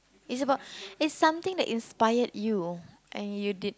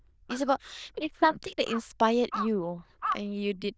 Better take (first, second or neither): first